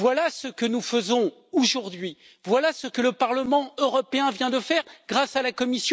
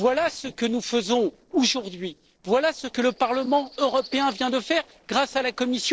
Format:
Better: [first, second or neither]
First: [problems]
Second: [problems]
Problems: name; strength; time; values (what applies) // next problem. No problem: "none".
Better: first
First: none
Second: noise reduction (neural separator model SepFormer DNS4)